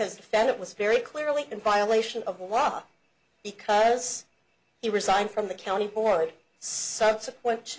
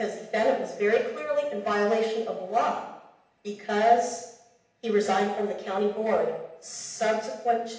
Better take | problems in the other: first | room echo; dies away in 0.8 s

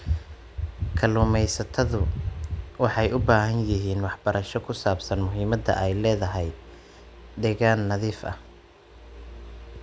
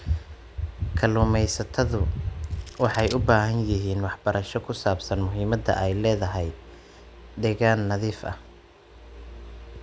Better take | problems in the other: first | background sound (Scissors); 18 dB below the speech

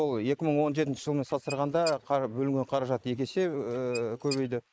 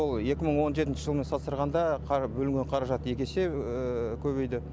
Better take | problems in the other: second | noise reduction (neural mask model Resemble Enhance denoiser)

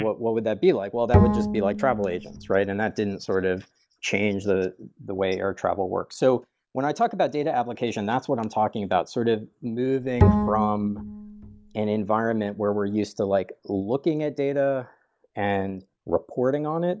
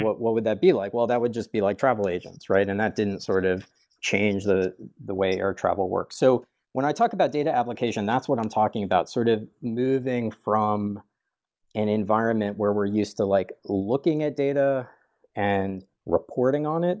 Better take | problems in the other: second | background sound (Bowed string instrument); 1 dB above the speech

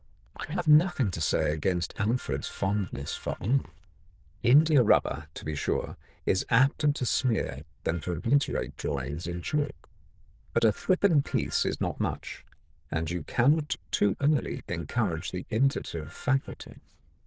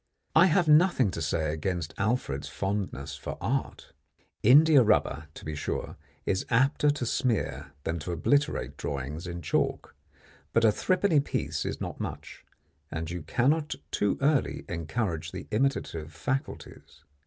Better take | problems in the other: second | noise reduction (neural diffusion model UNIVERSE++)

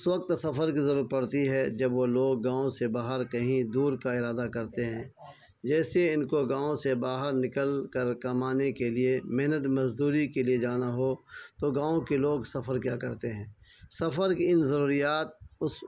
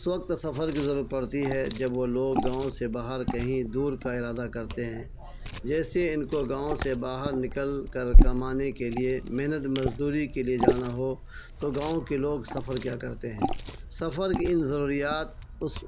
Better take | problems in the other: first | background sound (Liquid); 1 dB above the speech

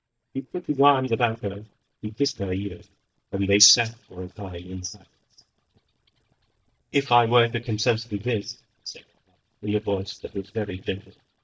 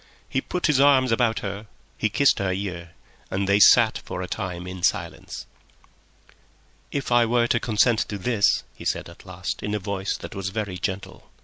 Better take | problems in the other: second | noise reduction (neural mask model DeepFilterNet 3)

